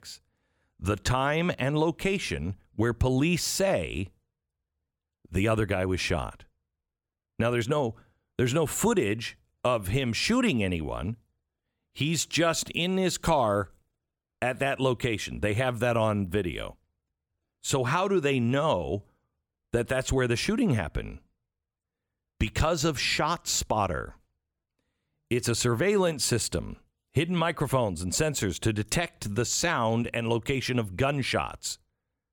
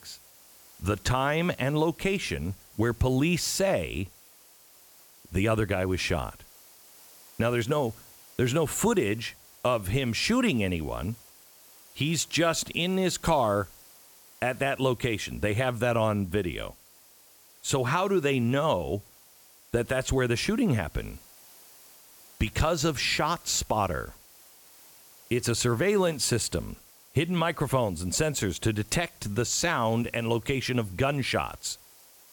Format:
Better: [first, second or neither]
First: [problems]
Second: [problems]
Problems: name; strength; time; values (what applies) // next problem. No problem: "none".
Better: first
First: none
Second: hiss; faint; throughout; 25 dB below the speech